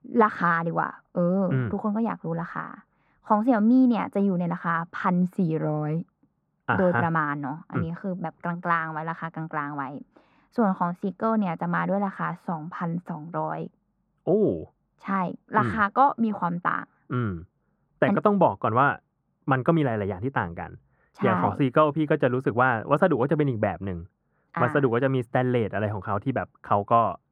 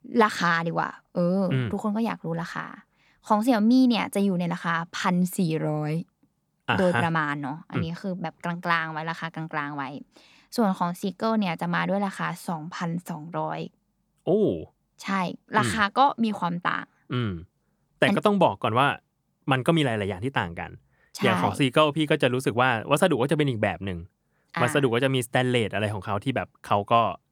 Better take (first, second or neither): second